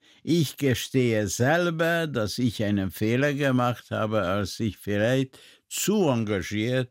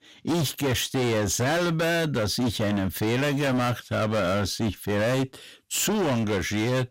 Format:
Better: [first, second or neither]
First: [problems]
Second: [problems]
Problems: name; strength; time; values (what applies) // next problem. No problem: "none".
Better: first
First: none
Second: distortion; heavy; 30% of the sound clipped